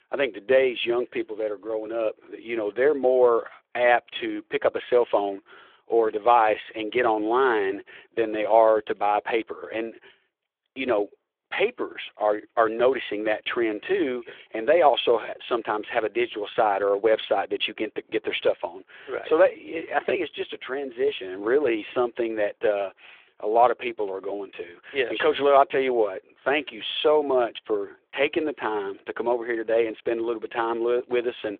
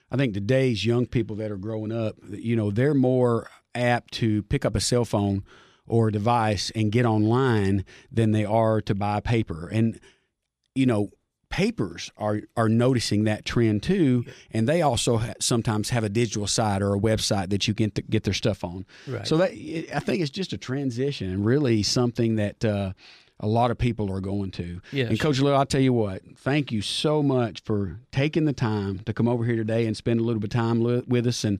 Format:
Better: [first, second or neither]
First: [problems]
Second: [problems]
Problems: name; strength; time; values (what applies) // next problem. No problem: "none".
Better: second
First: phone-call audio; nothing above 3.5 kHz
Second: none